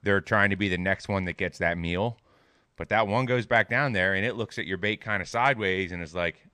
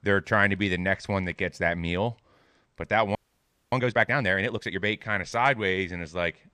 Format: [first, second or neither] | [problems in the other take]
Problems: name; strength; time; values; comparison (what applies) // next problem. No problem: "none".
first | audio freezing; at 3 s for 0.5 s